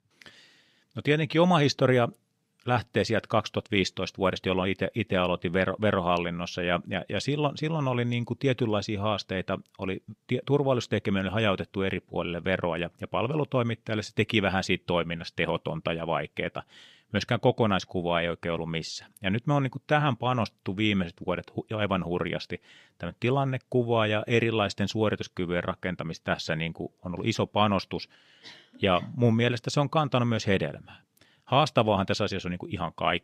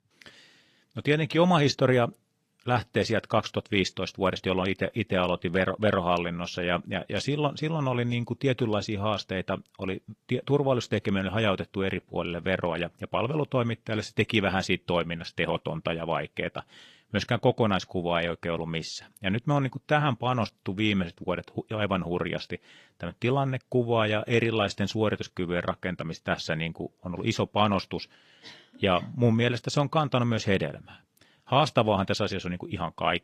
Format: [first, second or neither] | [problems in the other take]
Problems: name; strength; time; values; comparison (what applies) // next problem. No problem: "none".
first | garbled, watery; slightly; nothing above 15.5 kHz